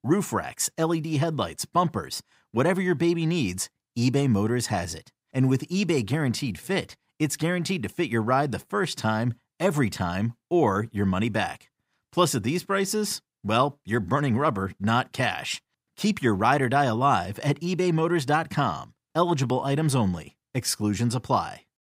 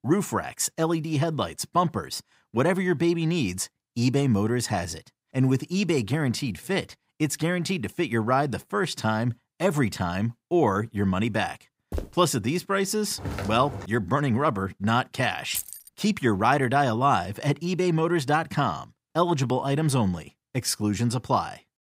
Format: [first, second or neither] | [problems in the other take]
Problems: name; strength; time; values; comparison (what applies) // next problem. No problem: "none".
first | footsteps; faint; at 12 s; peak 10 dB below the speech // footsteps; noticeable; at 13 s; peak 8 dB below the speech // jangling keys; noticeable; at 16 s; peak 6 dB below the speech